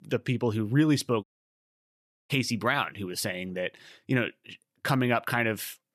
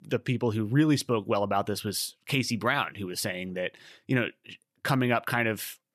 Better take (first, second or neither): second